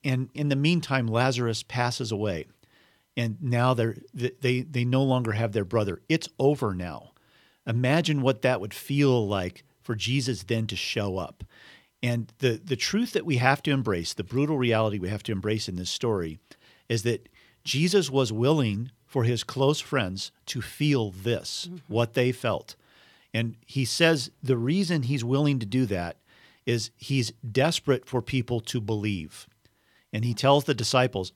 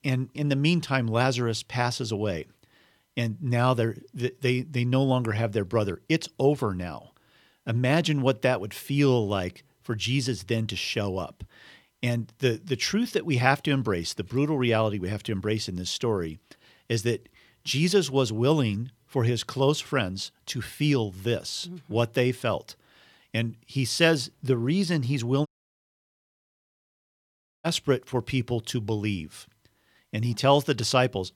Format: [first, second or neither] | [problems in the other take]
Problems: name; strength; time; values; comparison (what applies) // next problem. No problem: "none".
first | audio cutting out; at 25 s for 2 s